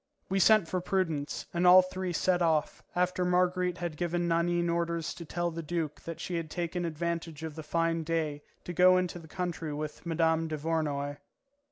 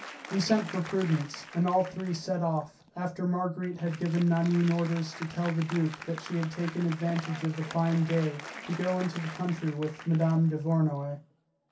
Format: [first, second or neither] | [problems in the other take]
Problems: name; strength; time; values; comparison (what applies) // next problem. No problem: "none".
first | background sound (Applause); 15 dB below the speech // room echo; dies away in 0.3 s